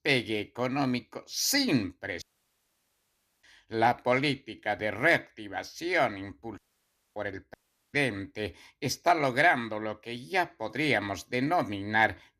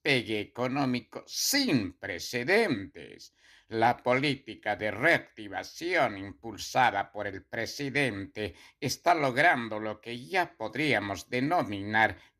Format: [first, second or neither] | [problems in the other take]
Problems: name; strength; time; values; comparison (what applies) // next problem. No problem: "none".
second | audio cutting out; at 2 s for 1 s, at 6.5 s for 0.5 s and at 7.5 s